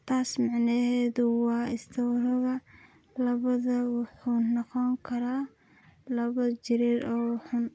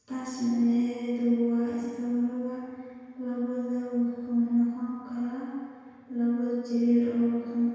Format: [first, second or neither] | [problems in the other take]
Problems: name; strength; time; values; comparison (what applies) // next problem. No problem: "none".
first | room echo; dies away in 1.8 s